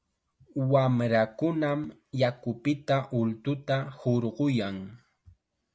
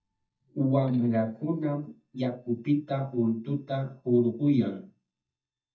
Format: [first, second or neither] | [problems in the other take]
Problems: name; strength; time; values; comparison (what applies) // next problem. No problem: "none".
first | noise reduction (neural mask model DeepFilterNet 3)